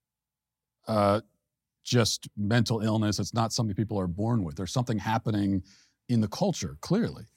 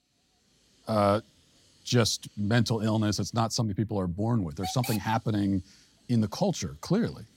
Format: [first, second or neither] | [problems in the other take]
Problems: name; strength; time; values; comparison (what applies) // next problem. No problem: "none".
first | hiss; noticeable; until 3.5 s and from 4.5 s on; 15 dB below the speech